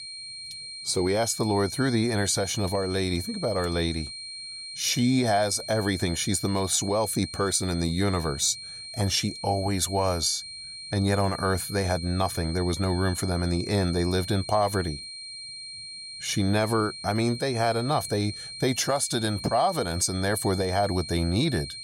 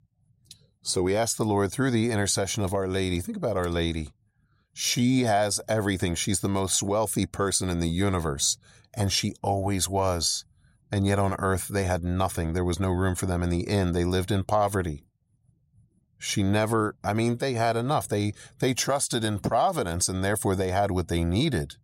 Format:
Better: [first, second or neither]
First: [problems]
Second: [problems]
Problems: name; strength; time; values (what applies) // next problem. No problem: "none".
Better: second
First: high-pitched whine; noticeable; throughout; 4 kHz, 10 dB below the speech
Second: none